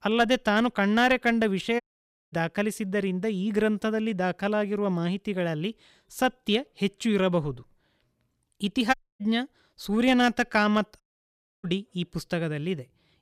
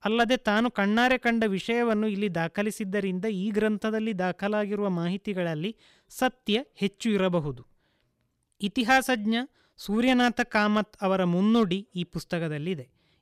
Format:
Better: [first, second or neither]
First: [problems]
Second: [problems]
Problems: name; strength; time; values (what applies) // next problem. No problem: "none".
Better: second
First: audio cutting out; at 2 s for 0.5 s, at 9 s and at 11 s for 0.5 s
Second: none